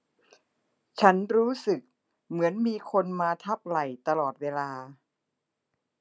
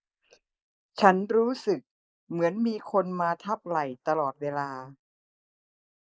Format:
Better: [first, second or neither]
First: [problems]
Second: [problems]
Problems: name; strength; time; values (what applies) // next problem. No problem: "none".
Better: first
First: none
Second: noise reduction (neural mask model Resemble Enhance denoiser)